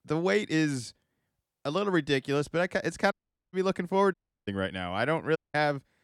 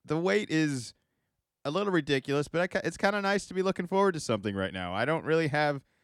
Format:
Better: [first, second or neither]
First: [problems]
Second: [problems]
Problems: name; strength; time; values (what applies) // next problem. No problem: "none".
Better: second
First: audio cutting out; at 3 s, at 4 s and at 5.5 s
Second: none